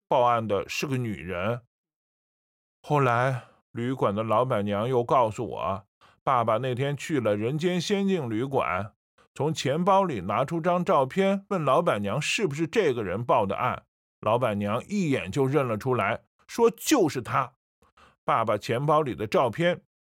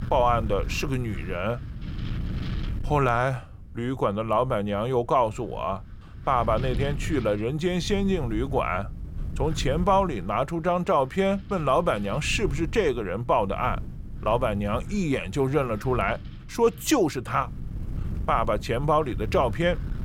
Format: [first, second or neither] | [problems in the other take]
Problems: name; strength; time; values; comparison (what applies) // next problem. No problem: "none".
first | wind noise on the microphone; occasional gusts; 20 dB below the speech